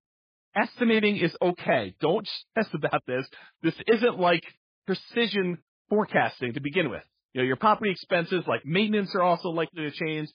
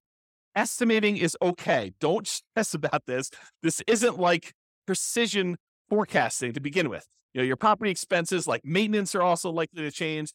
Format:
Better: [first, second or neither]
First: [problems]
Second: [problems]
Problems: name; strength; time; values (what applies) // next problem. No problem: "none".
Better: second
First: garbled, watery; badly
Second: none